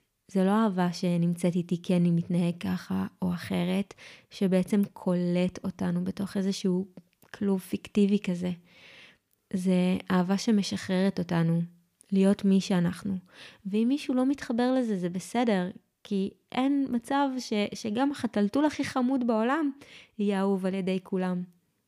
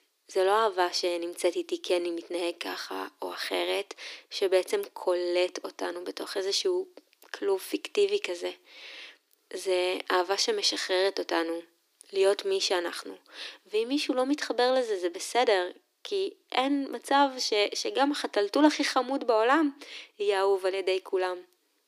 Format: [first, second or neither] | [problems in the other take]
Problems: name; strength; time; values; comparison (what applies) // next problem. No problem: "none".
first | thin; very; fading below 300 Hz